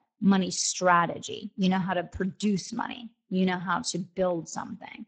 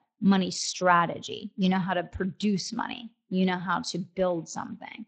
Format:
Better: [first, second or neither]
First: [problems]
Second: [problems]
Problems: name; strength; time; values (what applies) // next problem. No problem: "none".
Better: second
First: garbled, watery; badly; nothing above 8 kHz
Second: garbled, watery; slightly; nothing above 8 kHz